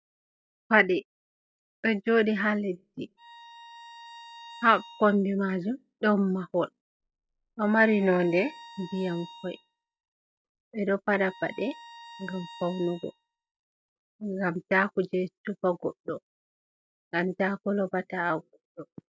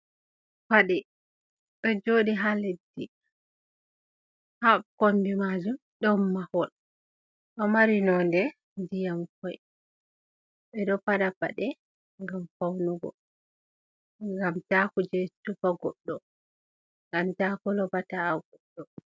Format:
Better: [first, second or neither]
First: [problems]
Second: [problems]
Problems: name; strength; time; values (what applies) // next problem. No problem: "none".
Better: second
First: noise reduction (classical method log-MMSE)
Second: none